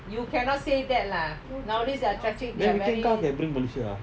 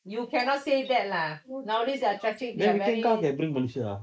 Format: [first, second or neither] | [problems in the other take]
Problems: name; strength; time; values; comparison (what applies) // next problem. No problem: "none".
first | noise reduction (neural mask model Resemble Enhance denoiser)